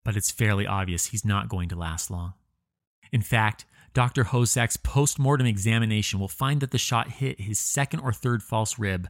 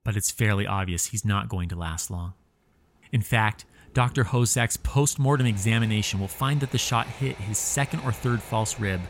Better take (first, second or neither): first